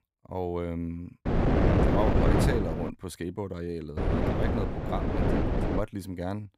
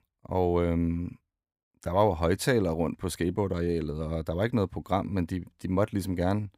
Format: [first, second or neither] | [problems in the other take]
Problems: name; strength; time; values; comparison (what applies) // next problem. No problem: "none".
second | wind noise on the microphone; heavy; from 1.5 to 3 s and from 4 to 6 s; 4 dB above the speech